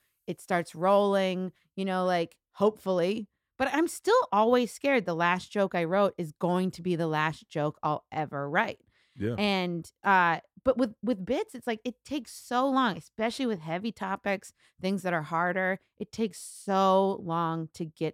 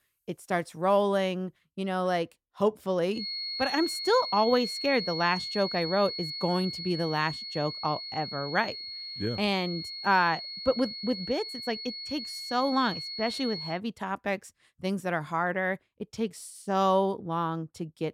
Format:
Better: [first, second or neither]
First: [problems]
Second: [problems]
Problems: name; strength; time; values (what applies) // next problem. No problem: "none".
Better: first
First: none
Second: high-pitched whine; loud; from 3 to 14 s; 4.5 kHz, 5 dB below the speech